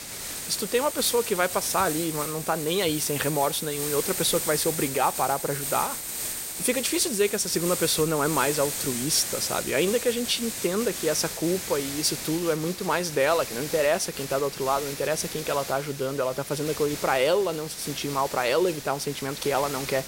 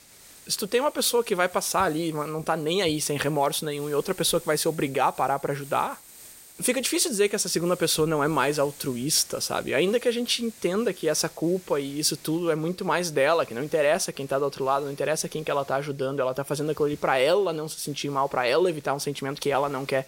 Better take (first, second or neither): second